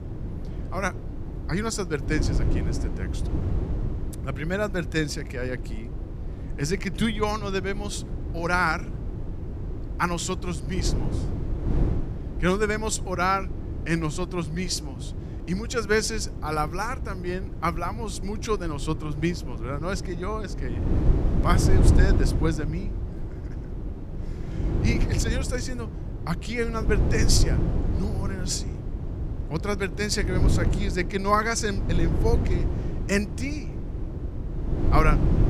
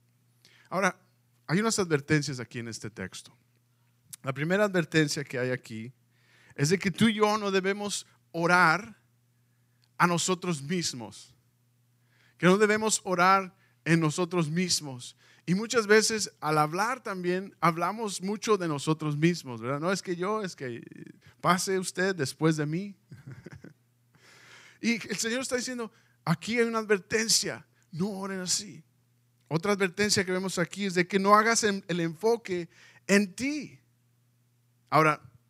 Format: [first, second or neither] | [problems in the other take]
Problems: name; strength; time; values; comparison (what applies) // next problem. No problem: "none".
second | wind noise on the microphone; occasional gusts; 10 dB below the speech